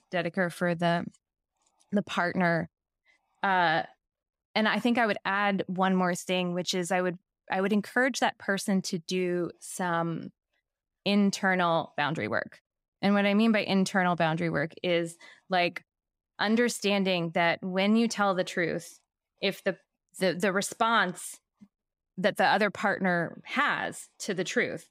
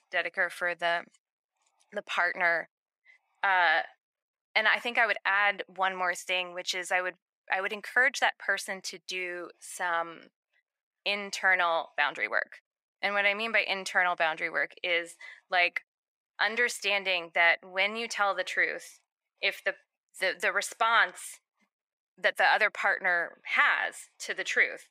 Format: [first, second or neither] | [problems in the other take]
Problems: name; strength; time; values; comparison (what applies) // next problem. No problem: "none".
first | thin; very; fading below 650 Hz